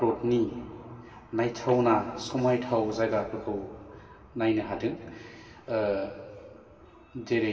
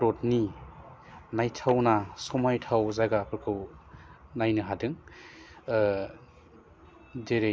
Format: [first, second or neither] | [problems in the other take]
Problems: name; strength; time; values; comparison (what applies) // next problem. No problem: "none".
second | room echo; dies away in 2.2 s